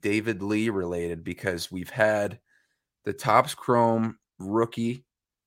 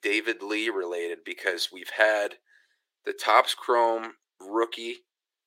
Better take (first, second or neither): first